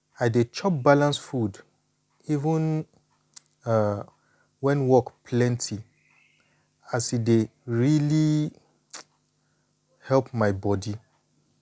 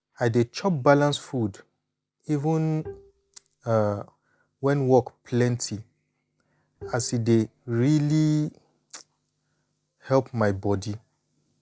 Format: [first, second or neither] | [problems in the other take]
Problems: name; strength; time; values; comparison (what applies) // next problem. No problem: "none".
first | noise reduction (neural mask model DeepFilterNet 3)